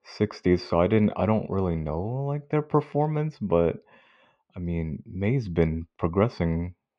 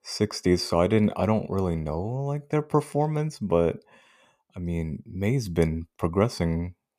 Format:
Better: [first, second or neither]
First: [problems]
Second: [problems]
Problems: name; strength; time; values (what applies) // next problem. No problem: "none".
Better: second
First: muffled; slightly; fading above 3.5 kHz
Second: none